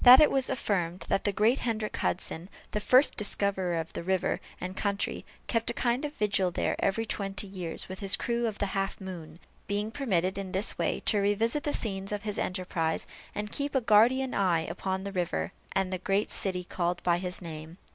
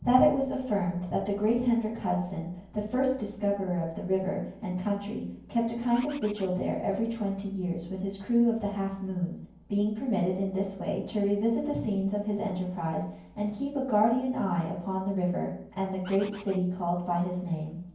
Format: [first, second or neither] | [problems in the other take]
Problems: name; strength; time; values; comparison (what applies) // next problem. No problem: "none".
first | background sound (Bird); 18 dB below the speech // room echo; dies away in 0.9 s